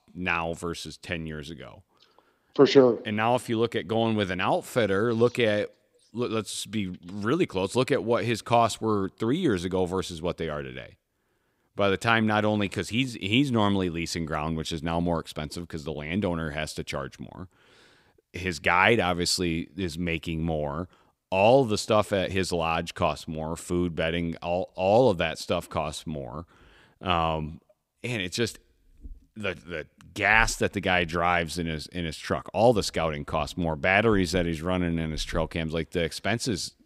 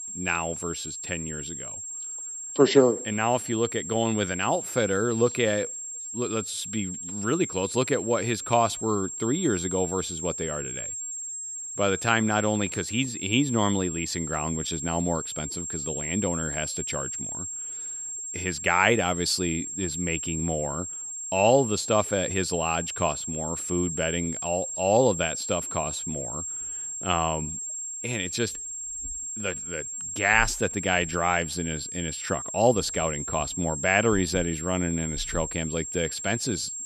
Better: first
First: none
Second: high-pitched whine; loud; throughout; 7.5 kHz, 5 dB below the speech

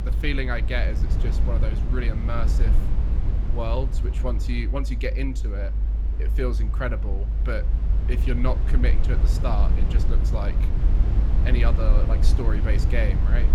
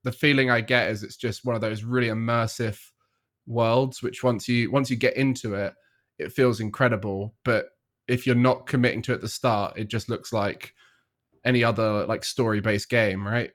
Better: second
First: low rumble; loud; throughout; 7 dB below the speech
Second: none

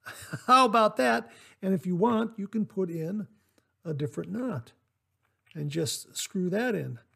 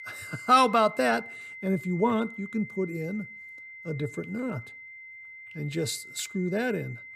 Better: first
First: none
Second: high-pitched whine; noticeable; throughout; 2 kHz, 15 dB below the speech

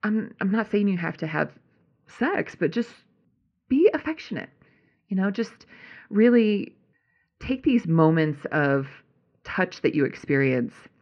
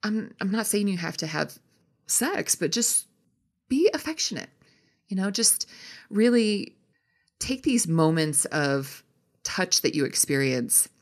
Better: second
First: muffled; very; fading above 2.5 kHz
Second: none

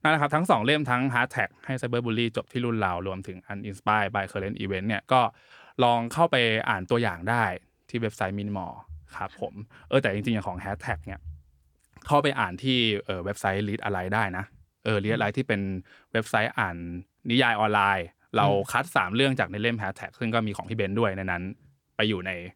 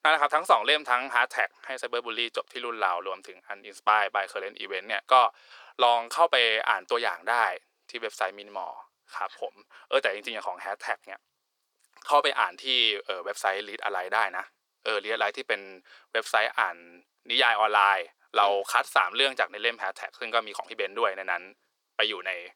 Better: first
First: none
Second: thin; very; fading below 450 Hz

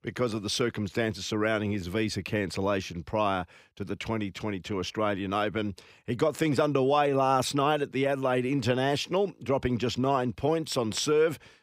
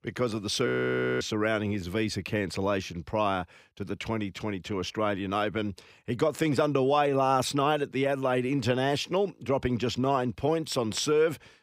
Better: first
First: none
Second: audio freezing; at 0.5 s for 0.5 s

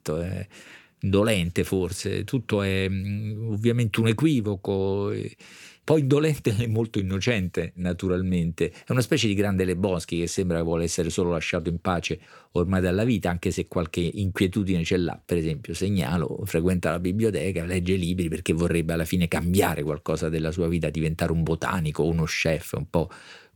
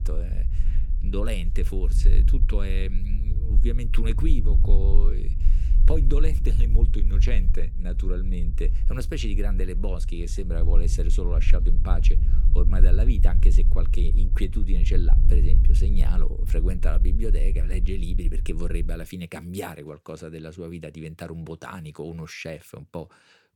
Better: first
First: none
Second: low rumble; loud; until 19 s; 9 dB below the speech

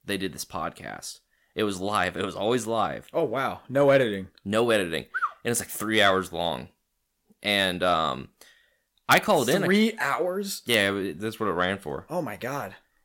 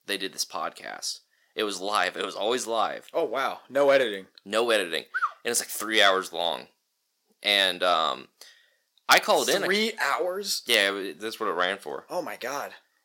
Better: first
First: none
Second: thin; somewhat; fading below 400 Hz

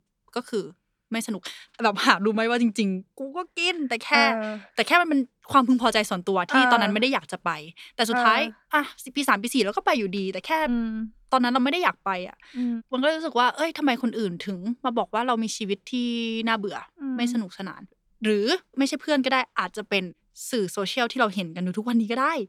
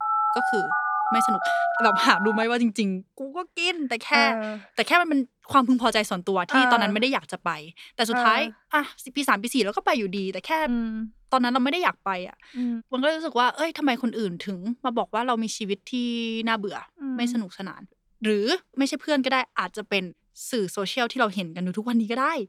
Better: first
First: none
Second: phone ringing; loud; until 2.5 s; peak 2 dB above the speech

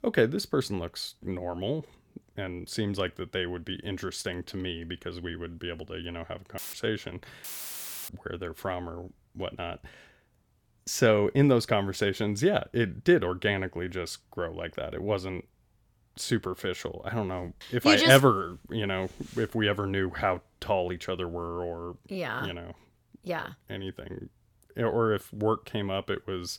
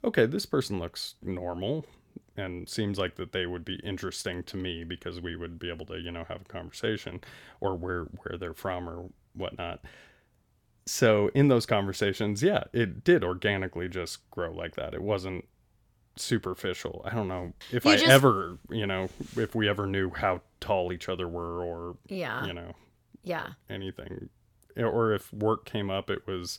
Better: second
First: audio cutting out; filled with static; at 6.5 s and at 7.5 s for 0.5 s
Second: none

